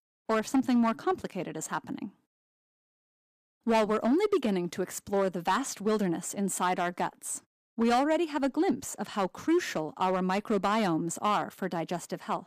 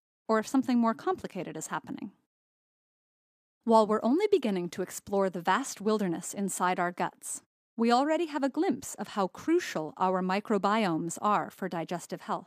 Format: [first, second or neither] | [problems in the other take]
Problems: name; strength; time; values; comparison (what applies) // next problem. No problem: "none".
second | distortion; slight; 4% of the sound clipped